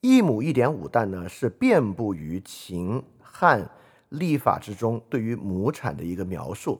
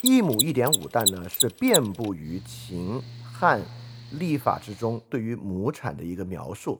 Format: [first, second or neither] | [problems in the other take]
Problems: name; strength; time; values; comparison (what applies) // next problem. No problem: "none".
first | machinery noise; very loud; until 5 s; 3 dB above the speech